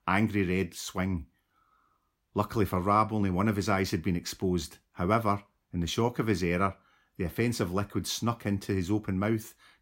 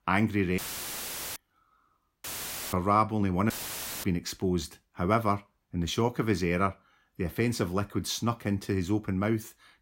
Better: first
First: none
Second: audio cutting out; filled with static; at 0.5 s for 1 s, at 2 s and at 3.5 s for 0.5 s

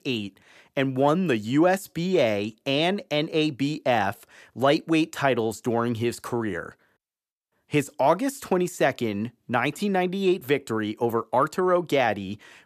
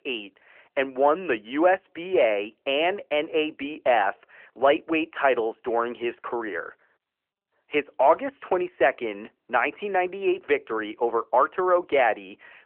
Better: first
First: none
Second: phone-call audio; nothing above 3 kHz

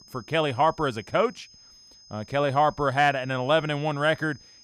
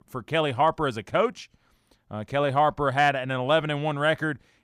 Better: second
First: high-pitched whine; faint; throughout; 5 kHz, 25 dB below the speech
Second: none

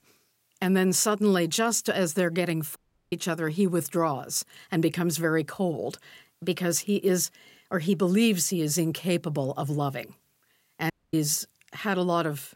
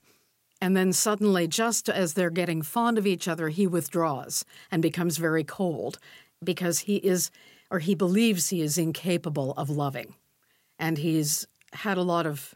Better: second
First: audio cutting out; at 3 s and at 11 s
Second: none

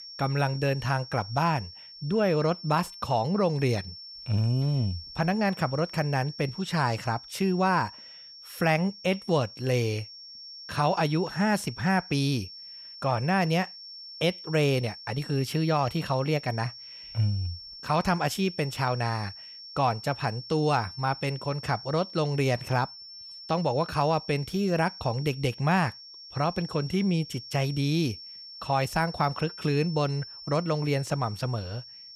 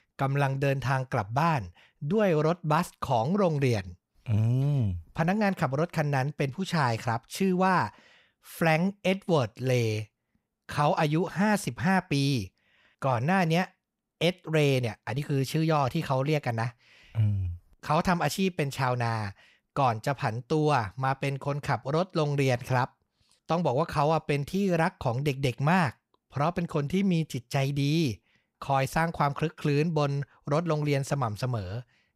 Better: second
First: high-pitched whine; noticeable; throughout; 5.5 kHz, 15 dB below the speech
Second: none

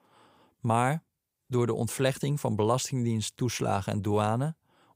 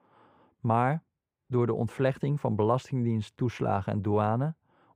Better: first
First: none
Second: muffled; very; fading above 3.5 kHz

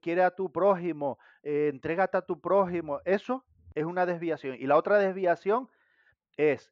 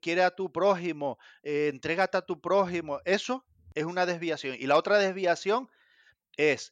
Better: second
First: muffled; very; fading above 3 kHz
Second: none

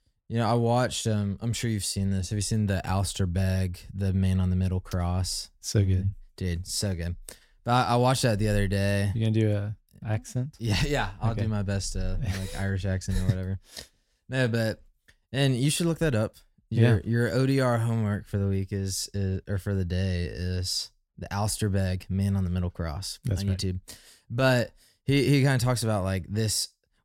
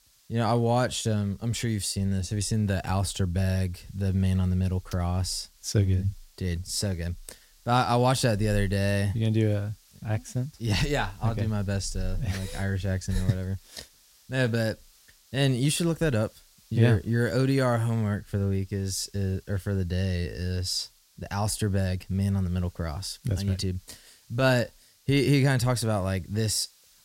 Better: first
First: none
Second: hiss; faint; throughout; 30 dB below the speech

